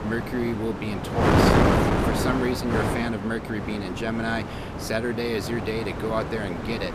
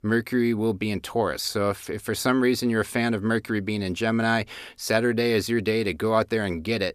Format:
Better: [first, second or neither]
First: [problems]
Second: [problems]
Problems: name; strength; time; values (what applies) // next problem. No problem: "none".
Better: second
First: wind noise on the microphone; heavy; 2 dB above the speech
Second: none